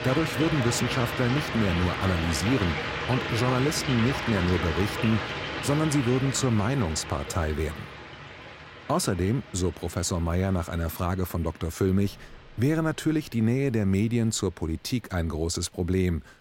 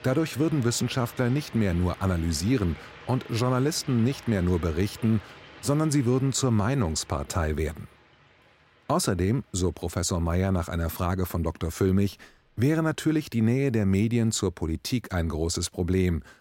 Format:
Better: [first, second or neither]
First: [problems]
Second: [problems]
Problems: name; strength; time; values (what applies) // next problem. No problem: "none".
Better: second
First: rain or running water; loud; throughout; 5 dB below the speech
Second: rain or running water; faint; throughout; 20 dB below the speech